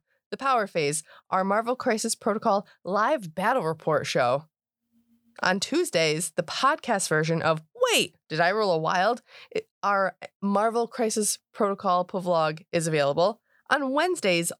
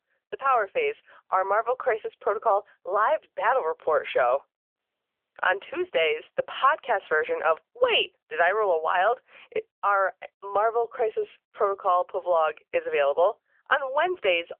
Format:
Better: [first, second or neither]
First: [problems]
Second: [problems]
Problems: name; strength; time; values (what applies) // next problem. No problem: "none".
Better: first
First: none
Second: phone-call audio; nothing above 3 kHz